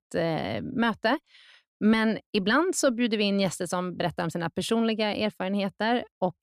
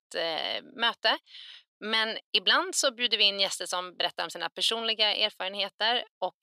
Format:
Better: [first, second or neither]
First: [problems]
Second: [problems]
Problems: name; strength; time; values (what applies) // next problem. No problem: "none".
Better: first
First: none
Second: thin; very; fading below 650 Hz